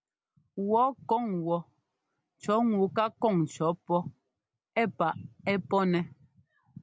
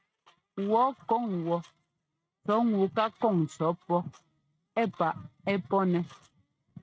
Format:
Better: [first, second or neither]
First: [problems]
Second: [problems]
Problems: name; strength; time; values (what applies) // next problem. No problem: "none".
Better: first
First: none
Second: noise reduction (neural mask model RNNoise)